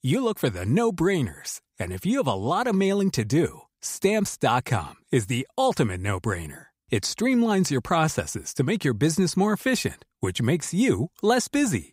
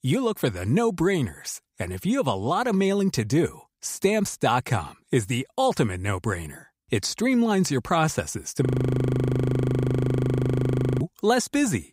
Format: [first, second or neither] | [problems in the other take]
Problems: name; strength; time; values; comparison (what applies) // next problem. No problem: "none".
first | audio freezing; at 8.5 s for 2.5 s